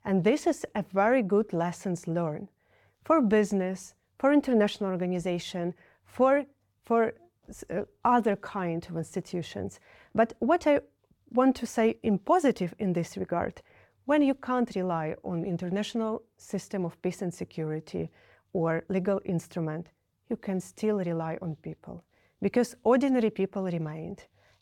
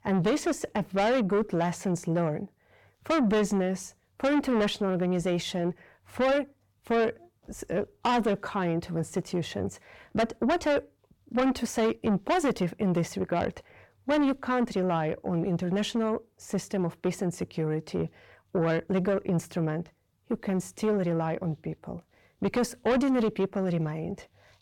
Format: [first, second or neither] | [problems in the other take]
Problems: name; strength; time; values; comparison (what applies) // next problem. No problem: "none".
first | distortion; heavy; 8 dB below the speech